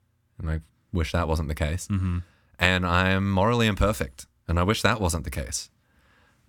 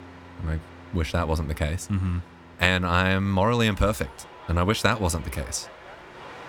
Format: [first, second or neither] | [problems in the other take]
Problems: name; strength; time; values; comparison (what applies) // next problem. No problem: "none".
first | train or aircraft noise; noticeable; throughout; 20 dB below the speech